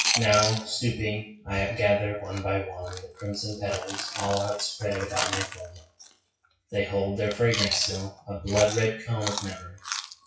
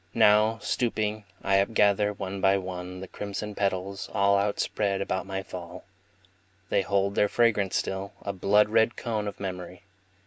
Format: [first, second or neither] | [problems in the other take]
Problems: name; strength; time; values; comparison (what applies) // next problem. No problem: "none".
second | noise reduction (classical method WPE with log-MMSE)